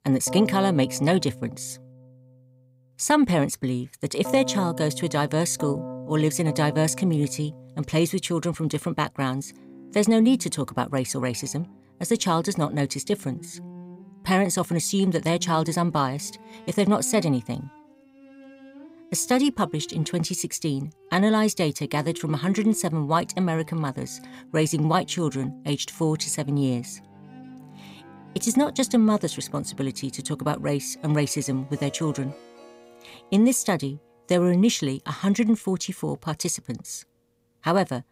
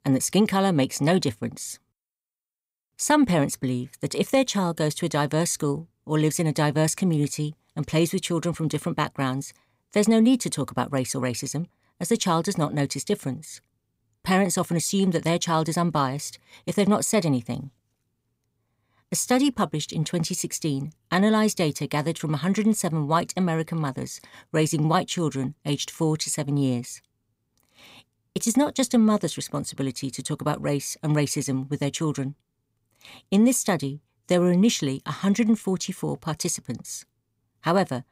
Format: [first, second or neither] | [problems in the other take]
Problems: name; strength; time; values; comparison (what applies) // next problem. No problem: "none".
second | background music; noticeable; throughout; 15 dB below the speech